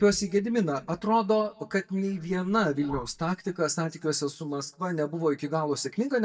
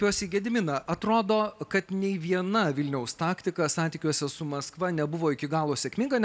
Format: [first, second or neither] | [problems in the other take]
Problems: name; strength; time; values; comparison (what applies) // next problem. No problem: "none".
second | noise reduction (neural mask model DeepFilterNet 3)